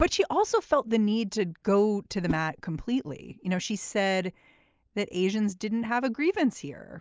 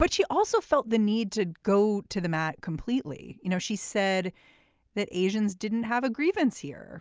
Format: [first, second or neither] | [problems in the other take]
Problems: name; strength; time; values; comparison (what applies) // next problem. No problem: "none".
second | noise reduction (neural mask model Resemble Enhance denoiser)